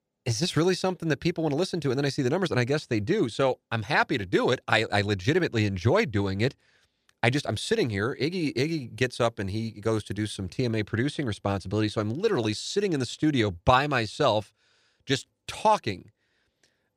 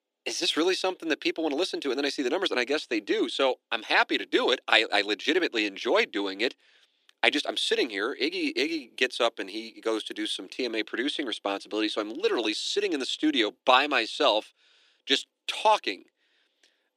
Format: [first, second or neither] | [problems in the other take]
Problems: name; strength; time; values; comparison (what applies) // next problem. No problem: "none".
first | thin; somewhat; fading below 300 Hz